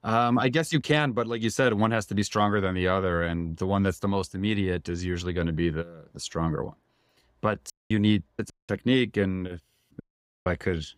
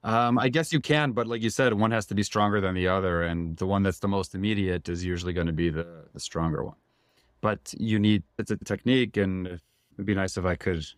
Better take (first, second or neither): second